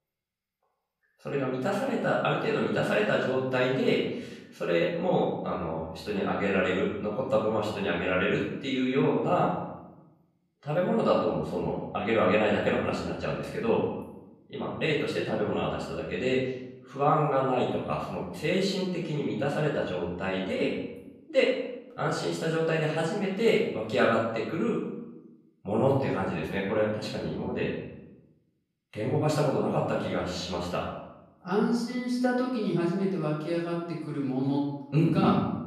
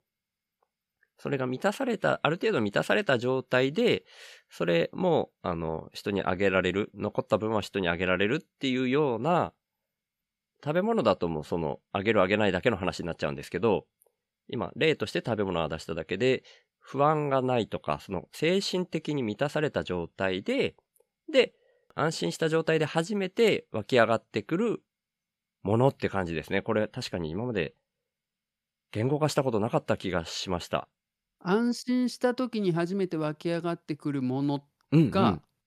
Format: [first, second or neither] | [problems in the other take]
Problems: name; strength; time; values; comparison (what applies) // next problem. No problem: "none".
second | off-mic speech; far // room echo; noticeable; dies away in 0.8 s